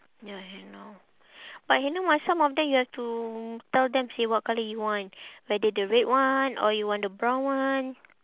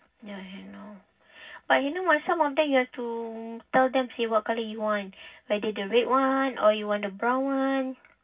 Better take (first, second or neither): first